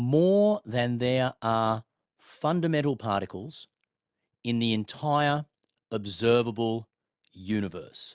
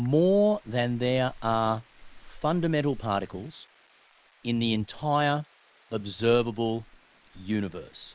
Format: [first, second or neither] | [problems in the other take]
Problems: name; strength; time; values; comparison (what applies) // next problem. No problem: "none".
first | noise reduction (neural mask model Resemble Enhance denoiser)